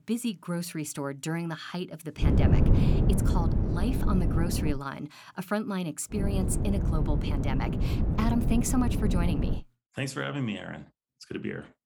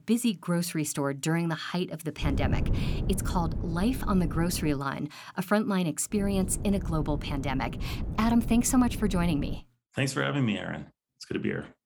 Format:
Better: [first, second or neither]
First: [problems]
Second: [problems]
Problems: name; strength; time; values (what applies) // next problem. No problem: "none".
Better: second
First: wind noise on the microphone; heavy; from 2 to 4.5 s and from 6 to 9.5 s; 1 dB below the speech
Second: wind noise on the microphone; occasional gusts; from 2 to 4.5 s and from 6 to 9.5 s; 10 dB below the speech